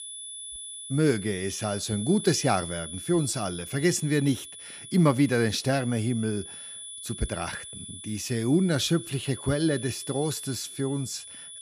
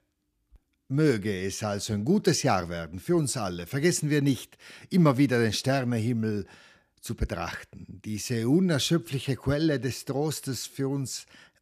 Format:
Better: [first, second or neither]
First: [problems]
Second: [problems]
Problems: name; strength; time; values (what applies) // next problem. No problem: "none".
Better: second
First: high-pitched whine; noticeable; throughout; 10 kHz, 10 dB below the speech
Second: none